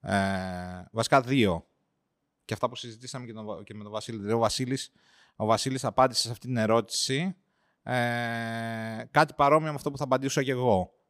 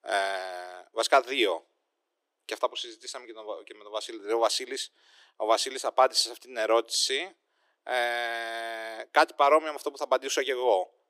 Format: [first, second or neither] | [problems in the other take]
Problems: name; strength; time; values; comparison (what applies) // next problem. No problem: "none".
first | thin; very; fading below 350 Hz